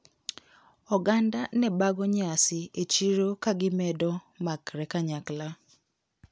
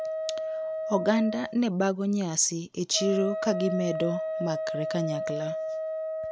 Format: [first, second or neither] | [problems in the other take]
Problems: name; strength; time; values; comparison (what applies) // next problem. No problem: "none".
first | background sound (Wind instrument, woodwind instrument); 4 dB below the speech